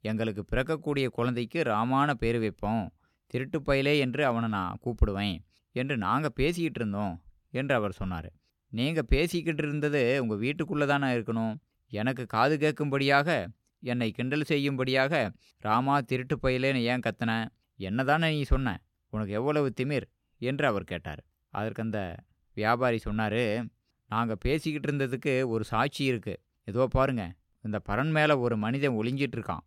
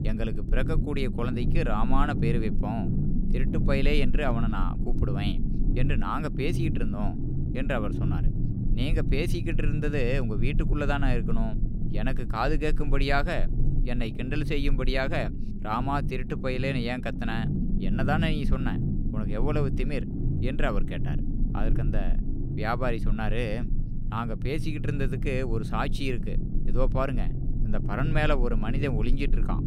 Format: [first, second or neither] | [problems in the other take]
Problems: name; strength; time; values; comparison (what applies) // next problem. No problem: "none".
first | low rumble; loud; throughout; 9 dB below the speech